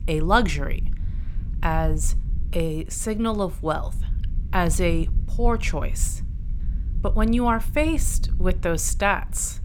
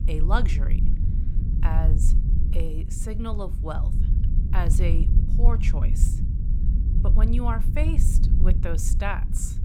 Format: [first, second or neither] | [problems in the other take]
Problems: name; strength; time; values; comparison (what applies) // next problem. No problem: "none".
first | low rumble; loud; throughout; 7 dB below the speech; faint in the first